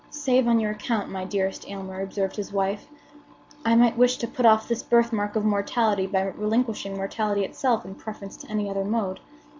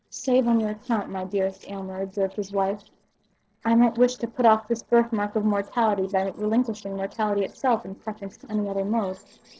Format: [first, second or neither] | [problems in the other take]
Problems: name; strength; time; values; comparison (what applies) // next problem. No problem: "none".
first | noise reduction (neural separator model SepFormer DNS4)